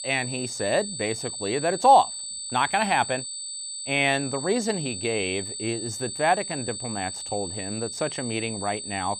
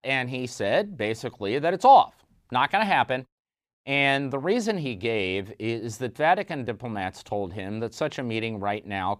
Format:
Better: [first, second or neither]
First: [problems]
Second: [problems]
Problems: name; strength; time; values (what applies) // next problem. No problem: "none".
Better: second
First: high-pitched whine; loud; throughout; 8 kHz, 6 dB below the speech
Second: none